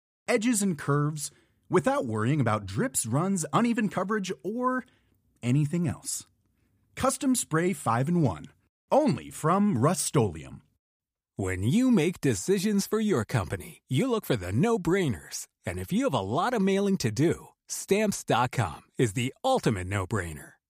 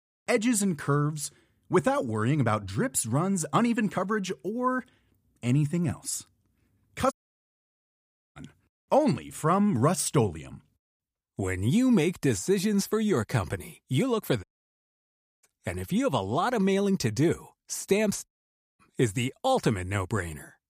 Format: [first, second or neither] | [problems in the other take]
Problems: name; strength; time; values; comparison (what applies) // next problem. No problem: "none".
first | audio cutting out; at 7 s for 1 s, at 14 s for 1 s and at 18 s for 0.5 s